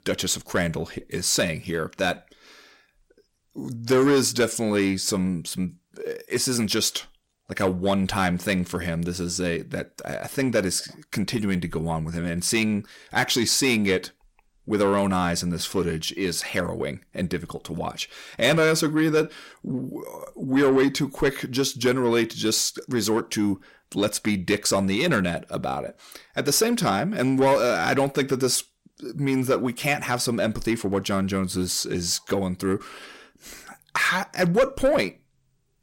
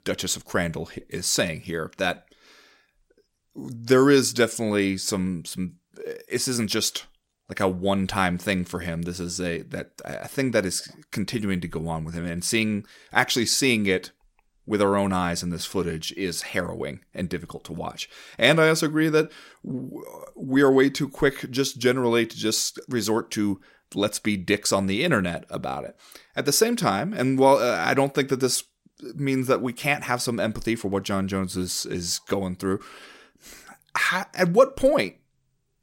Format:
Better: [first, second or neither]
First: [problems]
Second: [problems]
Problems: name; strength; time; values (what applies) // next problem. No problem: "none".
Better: second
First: distortion; slight; 10 dB below the speech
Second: none